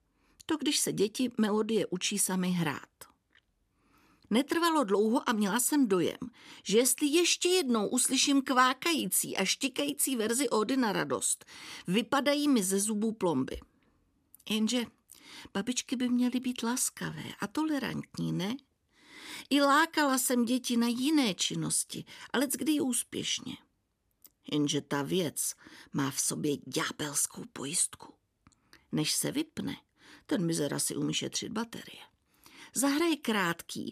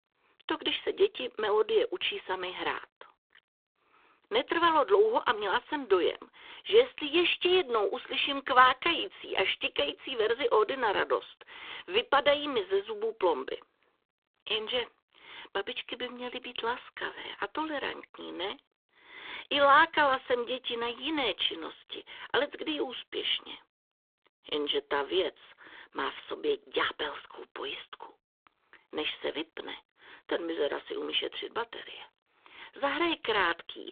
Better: first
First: none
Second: phone-call audio; poor line

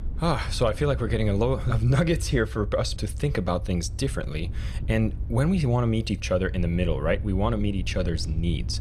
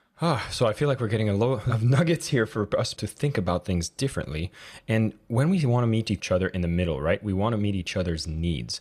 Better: second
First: low rumble; faint; throughout; 20 dB below the speech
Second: none

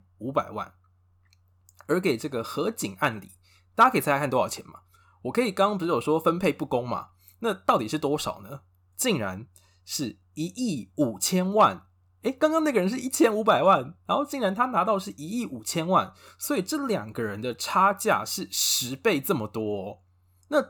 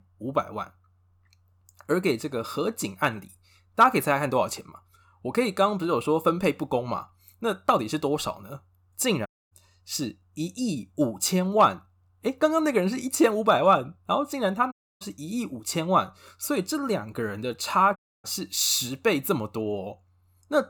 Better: first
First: none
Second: audio cutting out; at 9.5 s, at 15 s and at 18 s

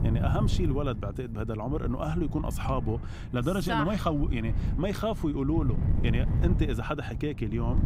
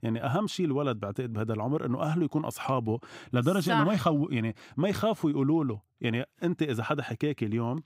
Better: second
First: wind noise on the microphone; occasional gusts; 10 dB below the speech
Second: none

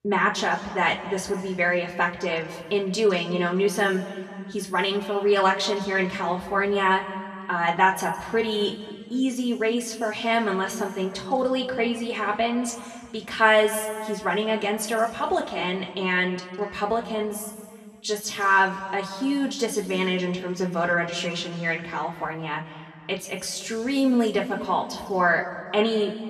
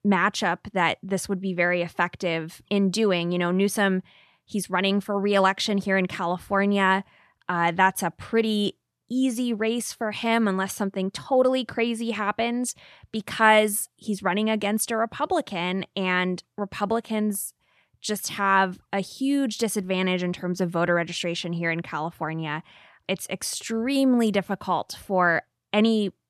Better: second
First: room echo; slight; dies away in 1.9 s // off-mic speech; far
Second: none

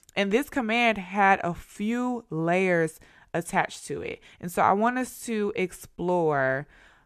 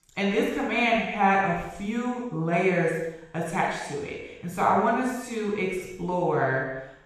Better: first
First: none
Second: room echo; strong; dies away in 0.9 s // off-mic speech; far

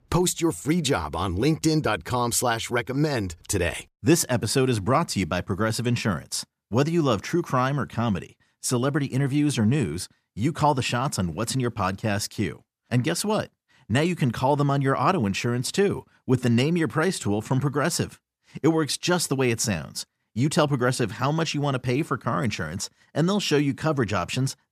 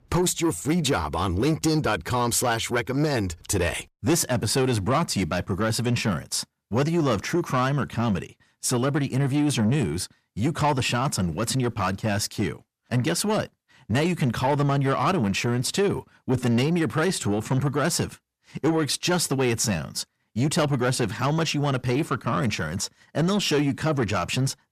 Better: first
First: none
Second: distortion; slight; 10 dB below the speech

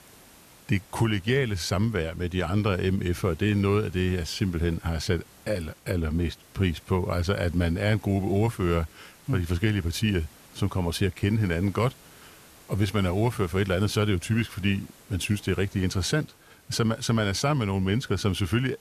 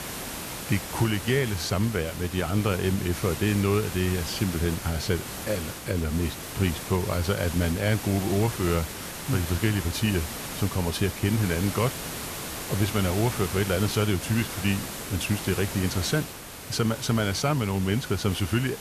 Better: first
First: hiss; faint; throughout; 25 dB below the speech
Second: hiss; loud; throughout; 8 dB below the speech

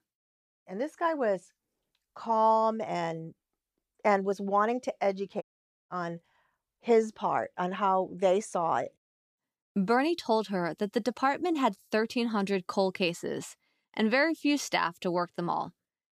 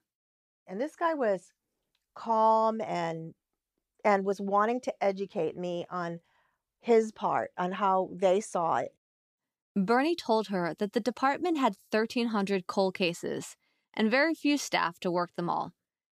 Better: second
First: audio cutting out; at 5.5 s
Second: none

